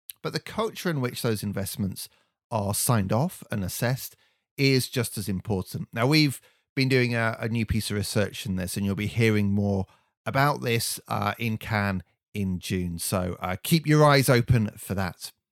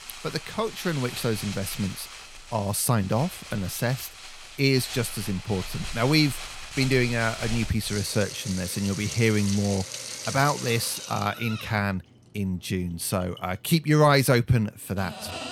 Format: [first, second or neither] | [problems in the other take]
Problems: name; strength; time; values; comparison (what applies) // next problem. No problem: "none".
first | household noises; noticeable; throughout; 10 dB below the speech